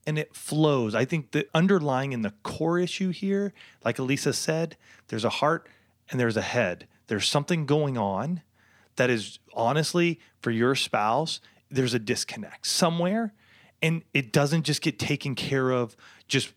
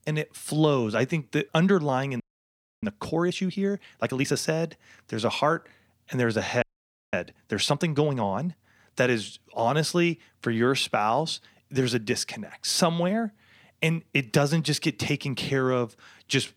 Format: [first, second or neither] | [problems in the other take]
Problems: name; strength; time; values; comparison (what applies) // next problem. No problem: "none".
first | audio freezing; at 2 s for 0.5 s and at 6.5 s for 0.5 s